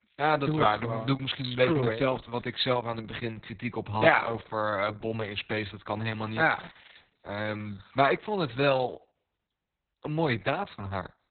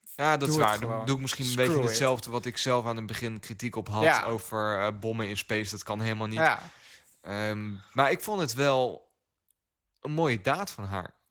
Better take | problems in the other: second | garbled, watery; badly; nothing above 4 kHz; slightly in the second

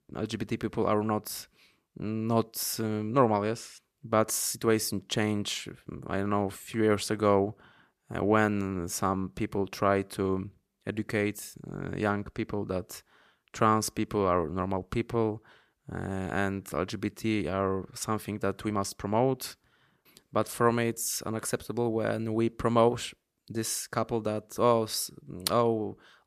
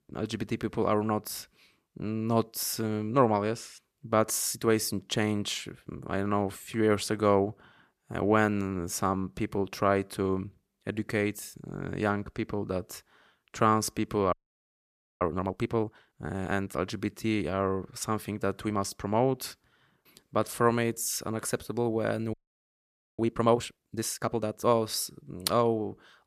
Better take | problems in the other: first | audio freezing; at 14 s for 1 s and at 22 s for 1 s

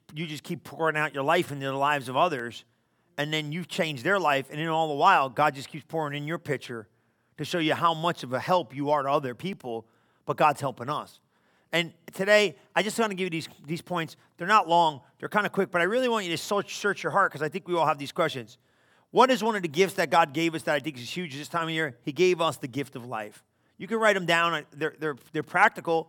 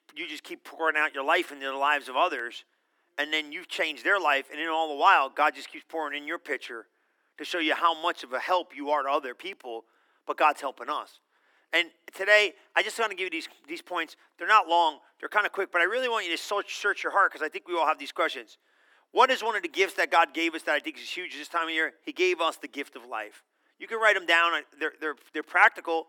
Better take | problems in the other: first | thin; somewhat; fading below 300 Hz

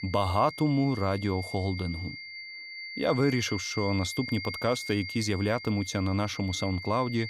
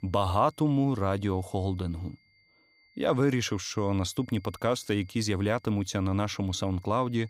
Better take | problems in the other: second | high-pitched whine; loud; throughout; 2 kHz, 9 dB below the speech; faint in the second

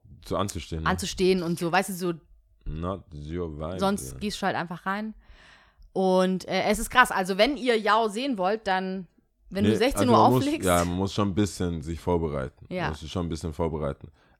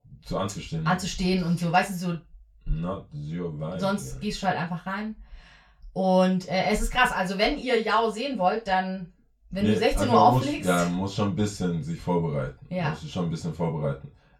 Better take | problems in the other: first | room echo; very slight; dies away in 0.2 s // off-mic speech; far

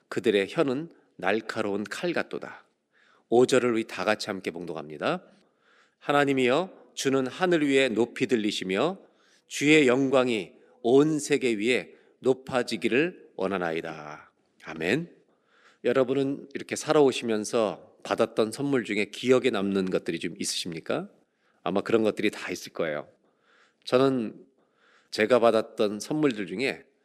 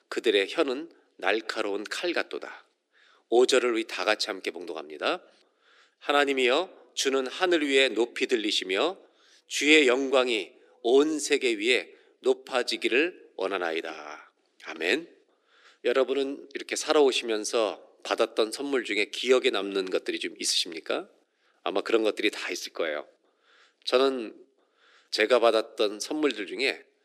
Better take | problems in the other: first | thin; very slightly; fading below 350 Hz

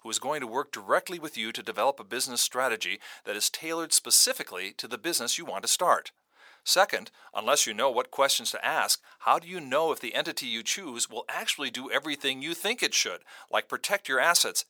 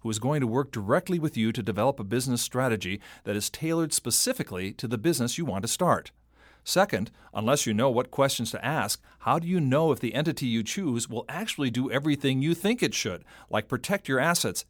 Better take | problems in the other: second | thin; very; fading below 650 Hz

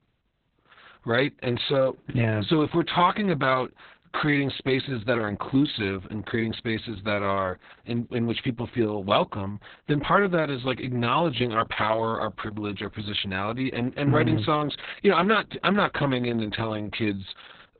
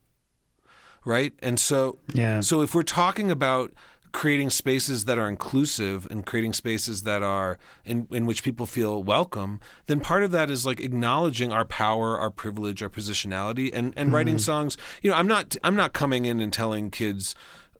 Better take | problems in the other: second | garbled, watery; badly; nothing above 4 kHz; slightly in the second

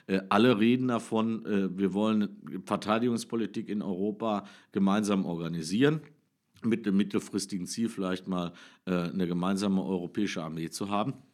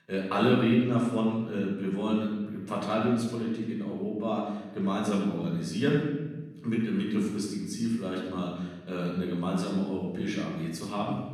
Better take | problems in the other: first | off-mic speech; far // room echo; noticeable; dies away in 1.3 s

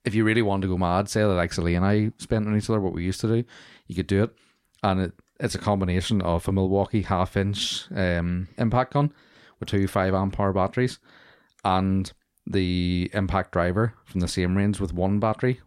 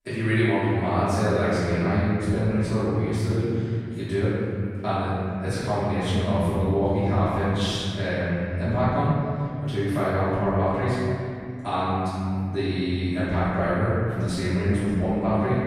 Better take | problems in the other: first | off-mic speech; far // room echo; strong; dies away in 2.4 s

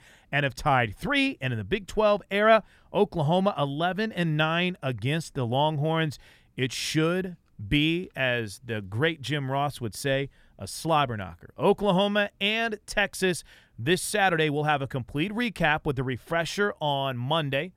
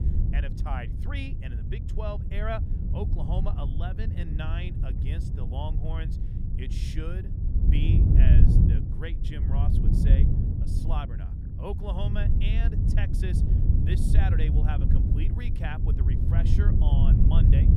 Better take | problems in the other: first | wind noise on the microphone; heavy; as loud as the speech

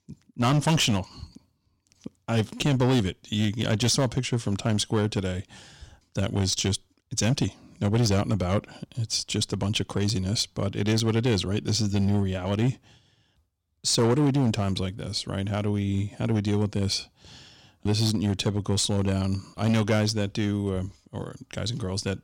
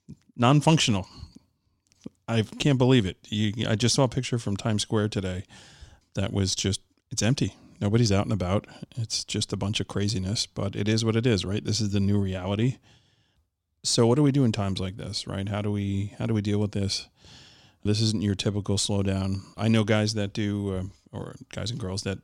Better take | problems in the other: second | distortion; slight; 5% of the sound clipped

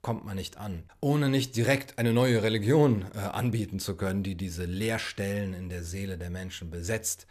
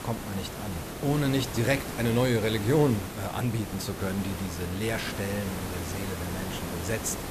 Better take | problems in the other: first | hiss; loud; throughout; 6 dB below the speech

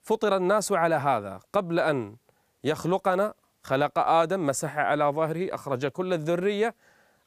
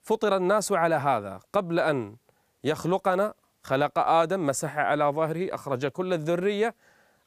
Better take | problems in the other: neither | none

